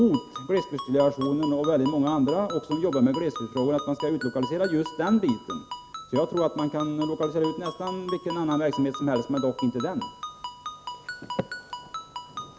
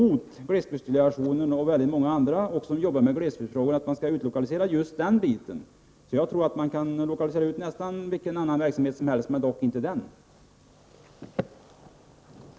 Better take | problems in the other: second | background sound (Ringtone); 12 dB below the speech

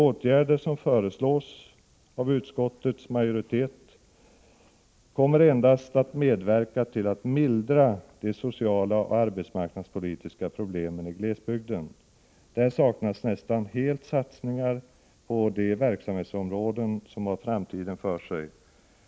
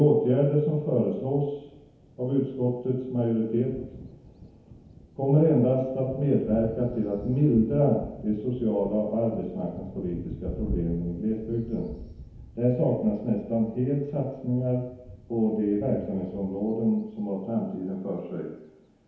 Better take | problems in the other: first | background sound (Thunder); 16 dB below the speech // room echo; dies away in 1 s

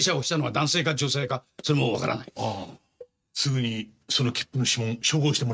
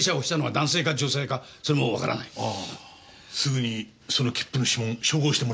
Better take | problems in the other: second | noise reduction (neural mask model RNNoise)

